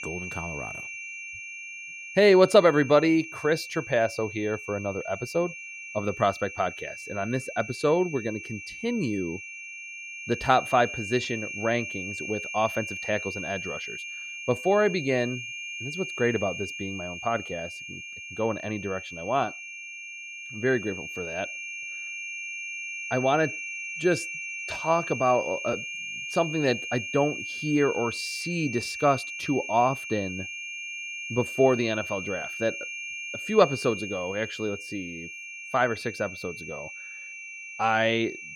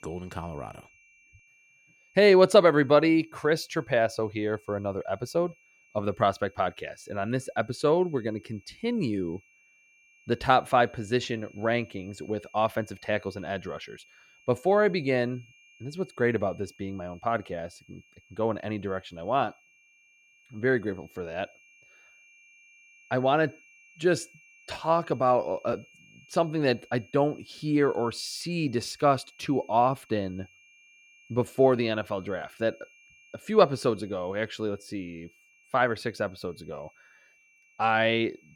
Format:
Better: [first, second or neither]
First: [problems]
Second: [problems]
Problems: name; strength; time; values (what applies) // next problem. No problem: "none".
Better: second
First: high-pitched whine; loud; throughout; 2.5 kHz, 8 dB below the speech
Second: high-pitched whine; faint; throughout; 2.5 kHz, 30 dB below the speech